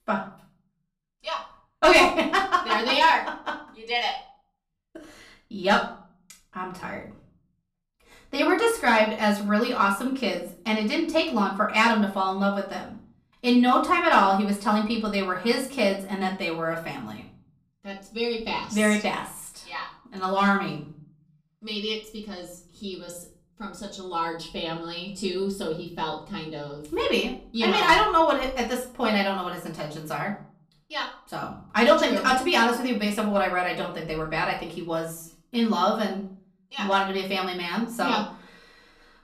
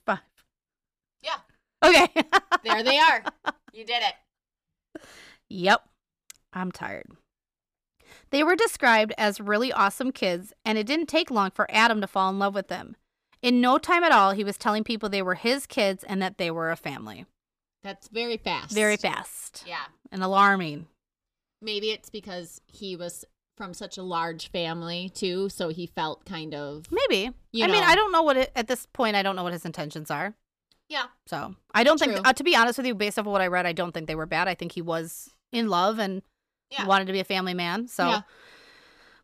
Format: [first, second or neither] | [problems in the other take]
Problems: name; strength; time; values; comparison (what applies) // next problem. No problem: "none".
second | room echo; slight; dies away in 0.4 s // off-mic speech; far